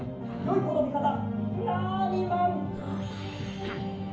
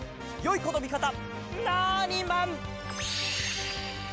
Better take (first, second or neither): second